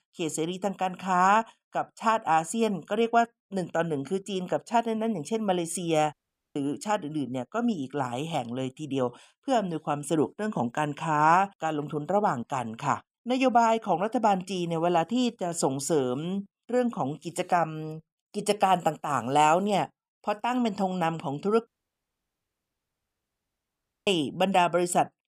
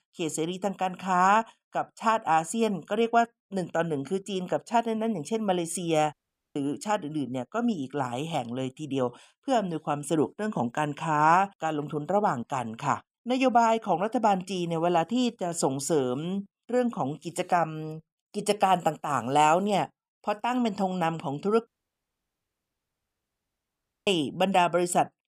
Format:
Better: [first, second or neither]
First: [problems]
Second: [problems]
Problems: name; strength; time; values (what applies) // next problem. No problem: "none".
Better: neither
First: audio cutting out; at 6 s and at 22 s for 2.5 s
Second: audio cutting out; at 6 s and at 22 s for 2.5 s